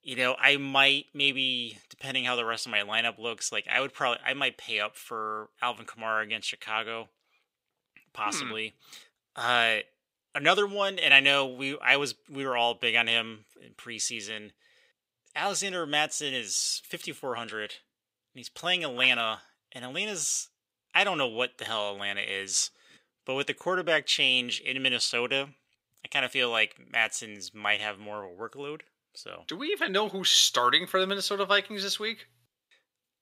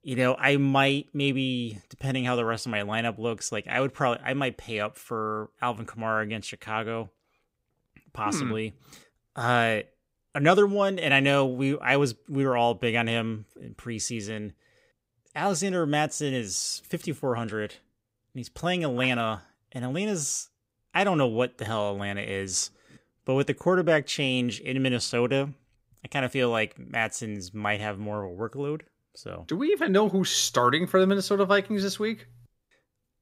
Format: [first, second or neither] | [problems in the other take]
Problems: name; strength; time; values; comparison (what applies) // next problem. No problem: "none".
second | thin; somewhat; fading below 900 Hz